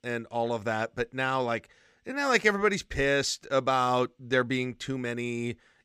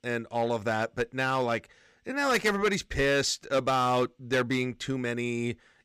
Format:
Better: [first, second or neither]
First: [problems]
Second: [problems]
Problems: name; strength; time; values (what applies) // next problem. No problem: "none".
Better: first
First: none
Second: distortion; slight; 5% of the sound clipped